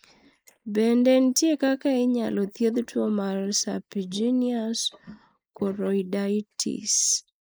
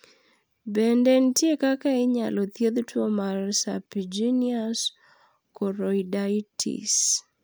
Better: second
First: noise reduction (neural mask model Resemble Enhance denoiser)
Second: none

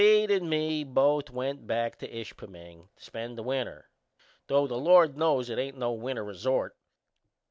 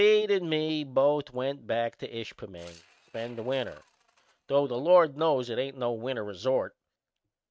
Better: first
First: none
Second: noise reduction (neural mask model RNNoise)

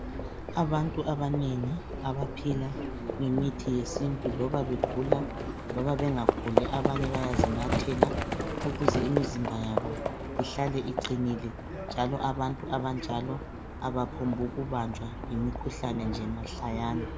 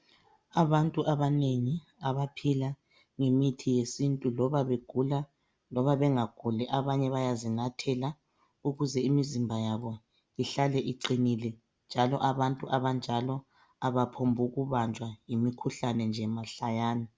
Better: second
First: background sound (Livestock, farm animals, working animals); 1 dB below the speech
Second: none

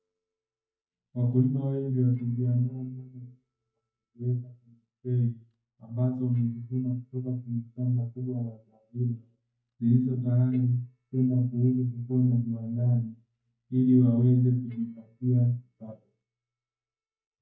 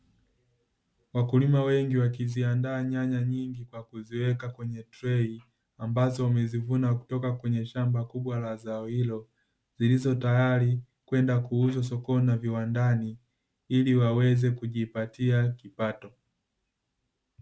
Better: second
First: noise reduction (neural mask model DeepFilterNet 3)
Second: none

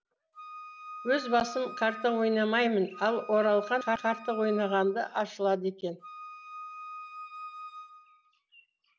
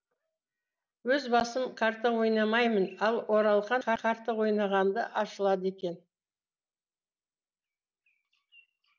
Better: second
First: background sound (Wind instrument, woodwind instrument); 14 dB below the speech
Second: none

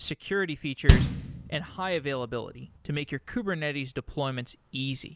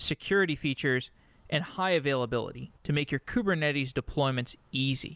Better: second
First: background sound (Bass drum); 5 dB above the speech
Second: none

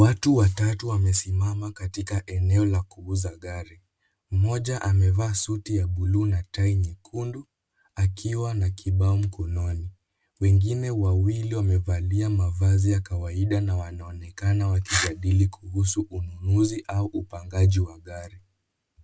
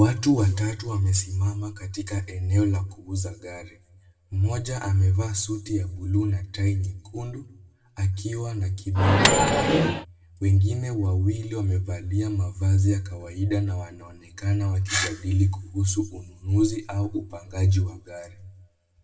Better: first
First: none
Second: background sound (Microwave oven); 4 dB above the speech // room echo; dies away in 0.7 s

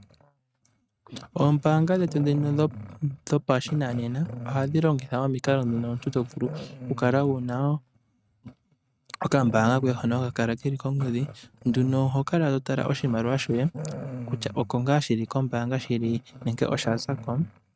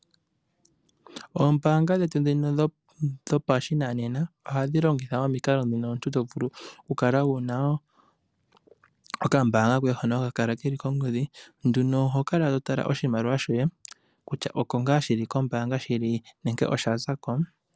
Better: second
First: noise reduction (neural mask model RNNoise)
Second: none

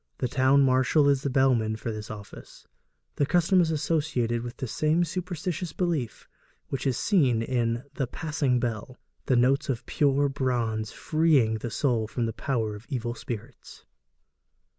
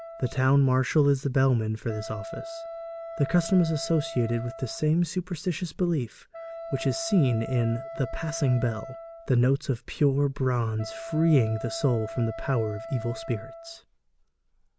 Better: first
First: none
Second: background sound (Wind instrument, woodwind instrument); 14 dB below the speech

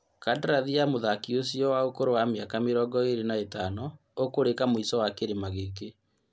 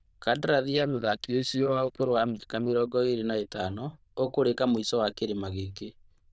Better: first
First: none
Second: noise reduction (neural diffusion model UNIVERSE++)

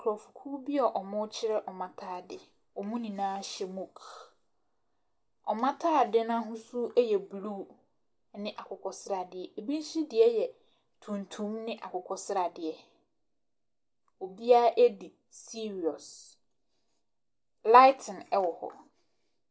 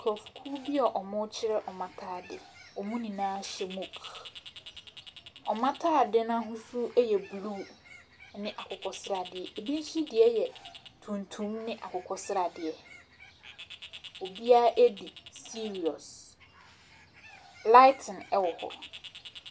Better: first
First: none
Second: background sound (Bird); 19 dB below the speech

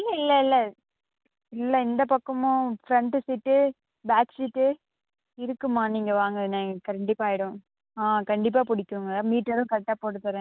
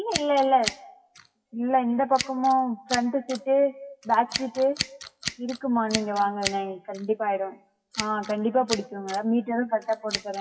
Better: first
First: none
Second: noise reduction (classical method WPE with log-MMSE)

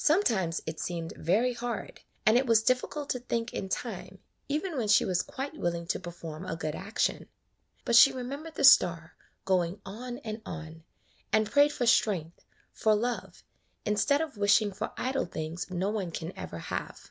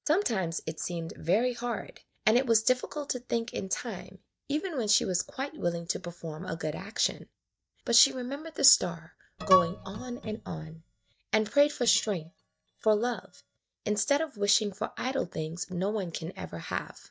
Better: first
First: none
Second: noise reduction (neural mask model DeepFilterNet 3)

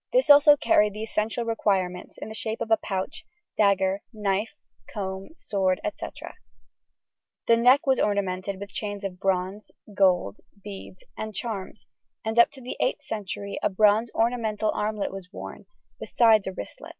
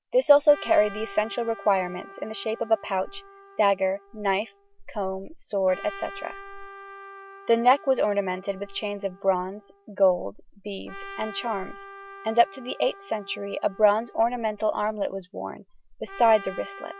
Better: first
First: none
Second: background sound (Trumpet); 18 dB below the speech

